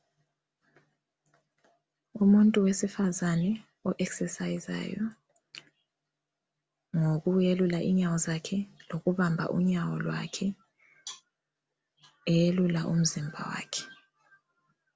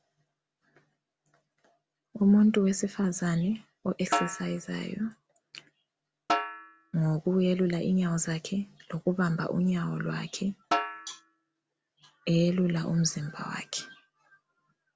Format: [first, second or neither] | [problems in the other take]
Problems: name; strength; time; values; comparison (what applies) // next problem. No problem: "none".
first | background sound (Snare drum); 6 dB below the speech